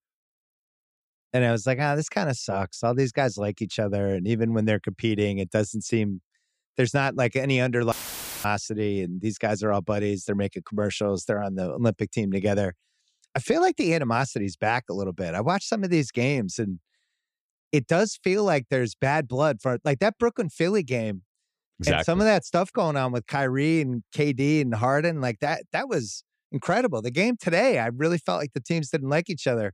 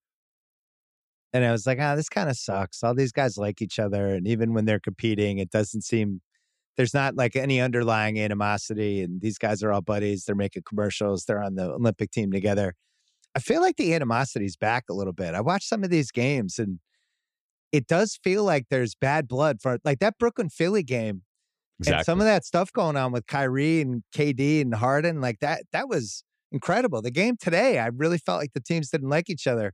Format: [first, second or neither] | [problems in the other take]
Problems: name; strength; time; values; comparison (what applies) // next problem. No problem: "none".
second | audio cutting out; filled with static; at 8 s for 0.5 s